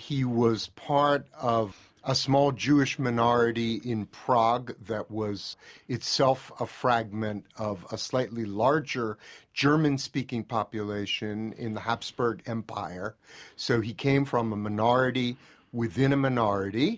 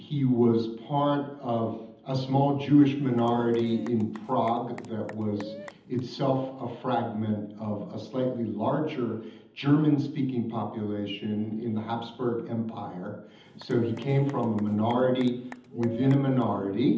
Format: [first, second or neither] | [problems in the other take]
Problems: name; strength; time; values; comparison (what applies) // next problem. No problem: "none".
first | background sound (Applause / Cheering / Clapping); 19 dB below the speech // room echo; dies away in 0.8 s